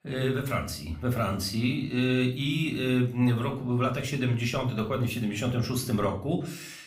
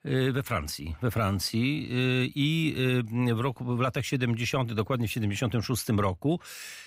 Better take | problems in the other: second | room echo; slight; dies away in 0.4 s // off-mic speech; somewhat distant

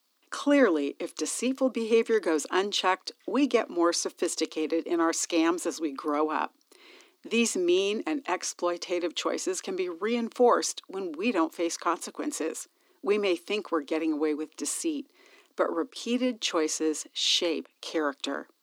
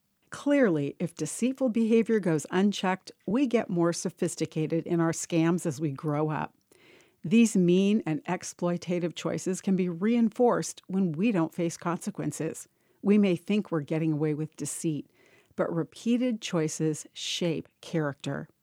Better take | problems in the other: second | thin; somewhat; fading below 250 Hz

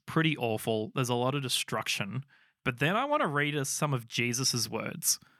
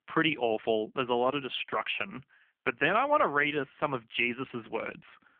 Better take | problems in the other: first | phone-call audio; poor line; nothing above 3 kHz

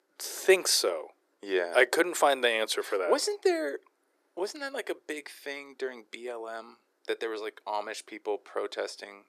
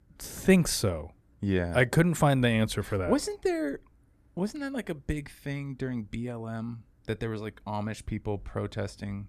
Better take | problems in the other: second | thin; very; fading below 350 Hz

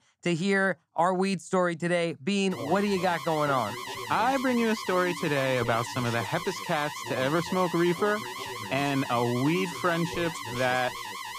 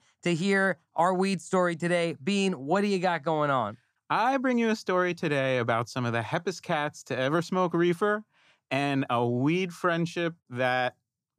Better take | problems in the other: second | alarm; noticeable; from 2.5 s on; peak 7 dB below the speech

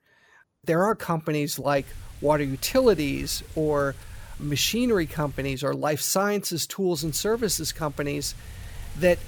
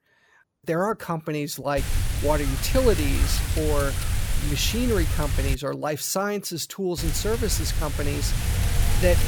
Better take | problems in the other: first | wind noise on the microphone; heavy; from 2 to 5.5 s and from 7 s on; 6 dB below the speech; occasional gusts in the first

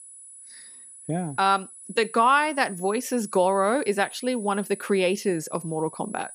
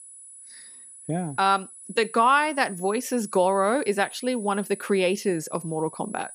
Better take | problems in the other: neither | high-pitched whine; noticeable; throughout; 10.5 kHz, 15 dB below the speech; the same in both

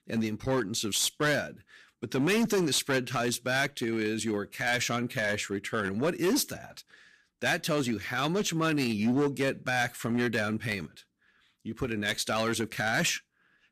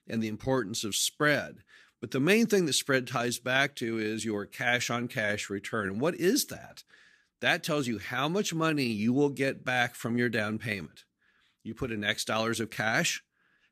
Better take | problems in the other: second | distortion; slight; 6% of the sound clipped

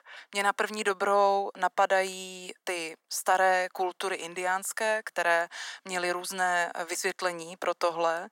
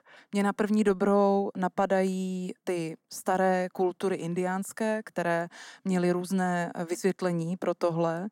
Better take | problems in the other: second | thin; very; fading below 750 Hz

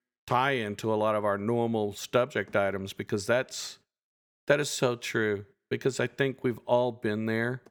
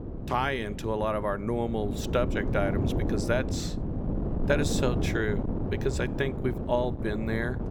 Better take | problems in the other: first | wind noise on the microphone; heavy; 8 dB below the speech

